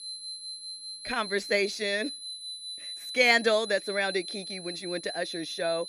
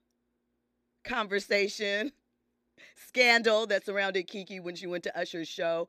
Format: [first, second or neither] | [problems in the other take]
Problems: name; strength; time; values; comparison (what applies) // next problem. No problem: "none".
second | high-pitched whine; loud; throughout; 4 kHz, 9 dB below the speech